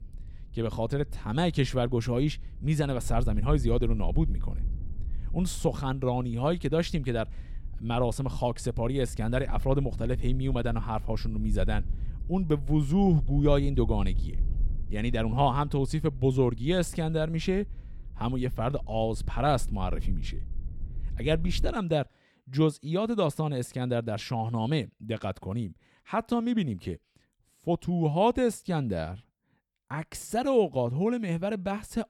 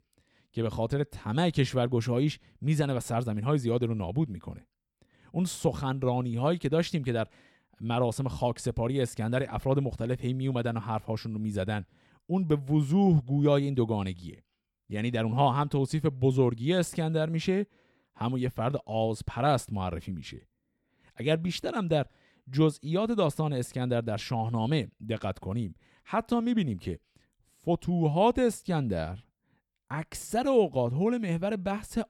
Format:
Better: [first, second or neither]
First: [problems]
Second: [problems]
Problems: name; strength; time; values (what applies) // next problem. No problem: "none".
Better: second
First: low rumble; faint; until 22 s; 25 dB below the speech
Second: none